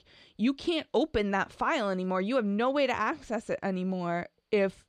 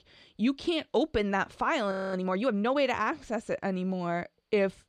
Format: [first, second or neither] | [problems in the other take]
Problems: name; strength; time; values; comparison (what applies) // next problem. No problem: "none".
first | audio freezing; at 2 s